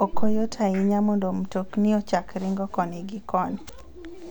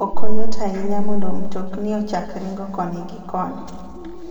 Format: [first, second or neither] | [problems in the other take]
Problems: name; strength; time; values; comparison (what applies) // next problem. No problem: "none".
first | room echo; dies away in 2 s